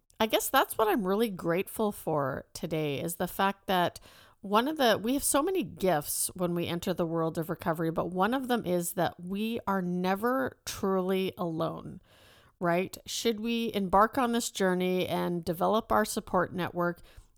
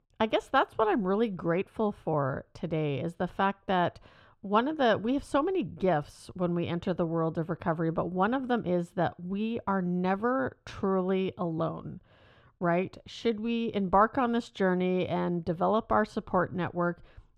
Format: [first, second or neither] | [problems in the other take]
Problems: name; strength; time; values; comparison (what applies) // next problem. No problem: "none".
first | muffled; slightly; fading above 2.5 kHz